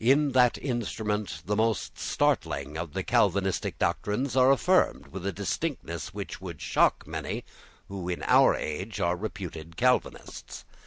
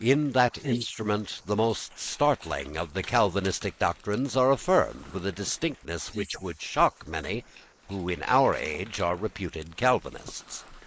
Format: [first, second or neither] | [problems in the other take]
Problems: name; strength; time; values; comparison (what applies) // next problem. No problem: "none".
first | noise reduction (neural mask model Resemble Enhance denoiser)